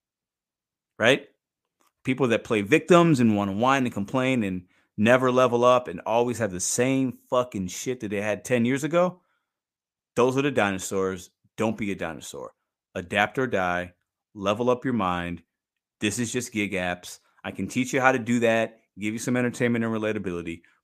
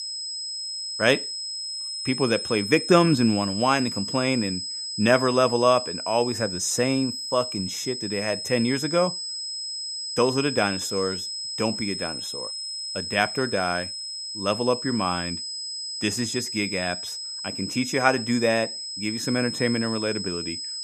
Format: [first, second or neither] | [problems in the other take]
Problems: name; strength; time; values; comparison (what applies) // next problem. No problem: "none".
first | high-pitched whine; loud; throughout; 5 kHz, 5 dB below the speech